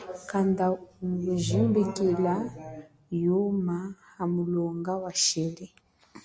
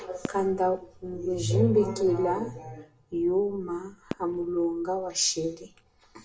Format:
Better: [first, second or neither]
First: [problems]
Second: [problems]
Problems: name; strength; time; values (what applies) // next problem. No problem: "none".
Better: first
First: none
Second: background sound (Fireworks); 18 dB below the speech // room echo; dies away in 0.2 s